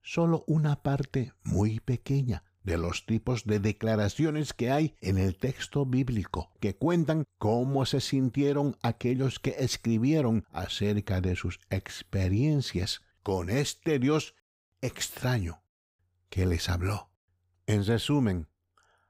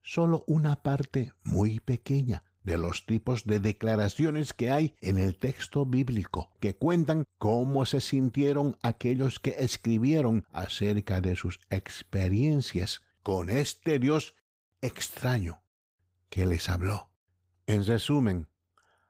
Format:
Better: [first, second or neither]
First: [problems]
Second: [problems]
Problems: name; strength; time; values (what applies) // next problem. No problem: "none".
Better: first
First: none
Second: garbled, watery; slightly; nothing above 15.5 kHz